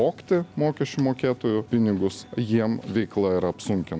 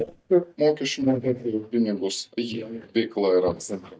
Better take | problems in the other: first | noise reduction (neural mask model DeepFilterNet 3)

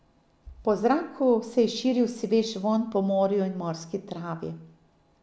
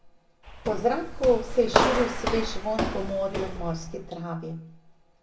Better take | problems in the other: first | background sound (Walk, footsteps); 1 dB below the speech // room echo; dies away in 0.2 s

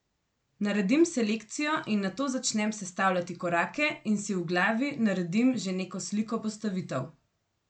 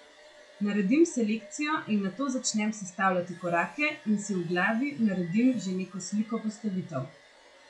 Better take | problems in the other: first | noise reduction (classical method log-MMSE)

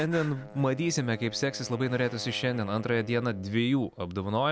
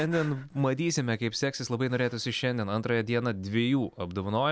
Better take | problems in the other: second | background sound (Wind instrument, woodwind instrument); 19 dB below the speech

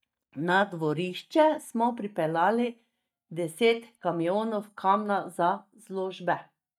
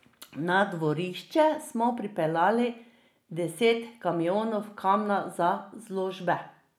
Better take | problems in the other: second | noise reduction (neural mask model DeepFilterNet 3)

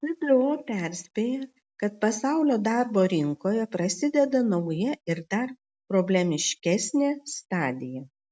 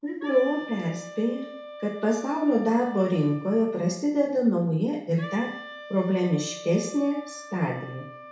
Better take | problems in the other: first | background sound (Wind instrument, woodwind instrument); 16 dB below the speech // room echo; dies away in 0.6 s

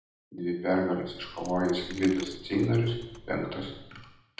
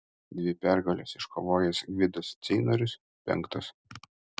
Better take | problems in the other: second | background sound (Coin (dropping)); 17 dB below the speech // room echo; dies away in 0.8 s

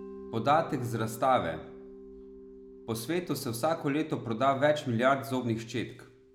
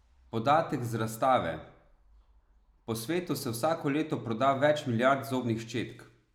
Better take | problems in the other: second | background sound (Mallet percussion); 18 dB below the speech

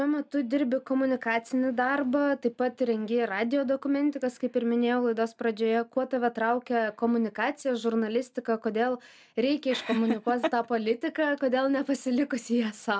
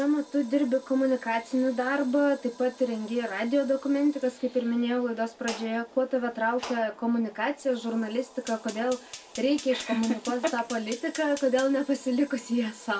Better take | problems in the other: first | background sound (Fire); 19 dB below the speech // room echo; dies away in 0.2 s

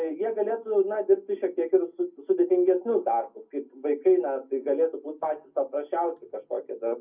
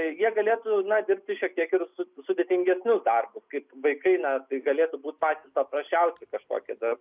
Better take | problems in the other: second | room echo; dies away in 0.4 s

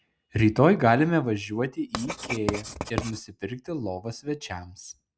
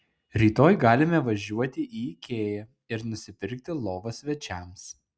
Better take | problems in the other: second | background sound (Writing); 9 dB below the speech

